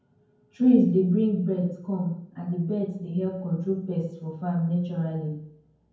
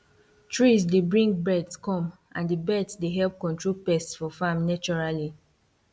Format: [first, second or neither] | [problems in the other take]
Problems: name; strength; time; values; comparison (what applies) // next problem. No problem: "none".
second | room echo; dies away in 0.9 s